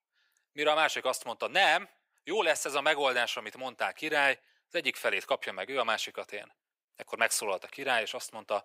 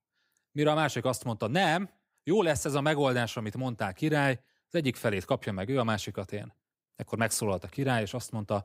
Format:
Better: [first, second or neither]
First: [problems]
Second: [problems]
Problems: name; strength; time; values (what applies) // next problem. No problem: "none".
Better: second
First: thin; very; fading below 650 Hz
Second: none